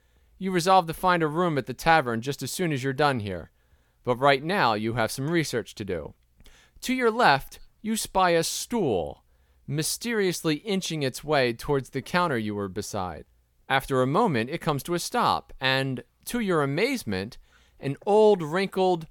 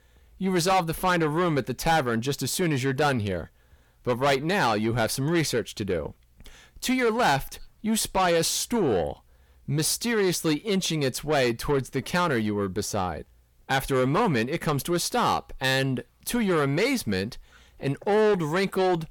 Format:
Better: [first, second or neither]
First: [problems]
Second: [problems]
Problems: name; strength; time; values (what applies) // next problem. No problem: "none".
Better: first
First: none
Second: distortion; heavy; 8 dB below the speech